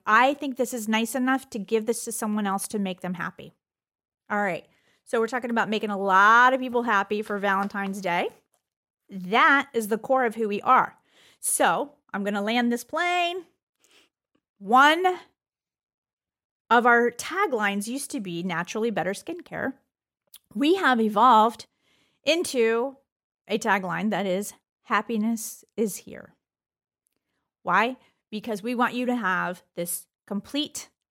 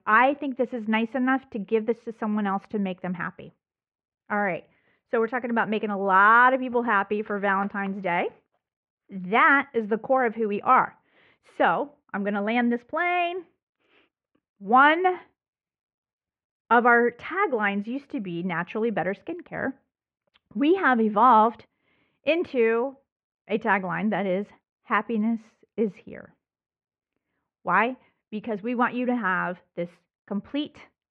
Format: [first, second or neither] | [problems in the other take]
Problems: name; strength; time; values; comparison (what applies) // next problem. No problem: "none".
first | muffled; very; fading above 2.5 kHz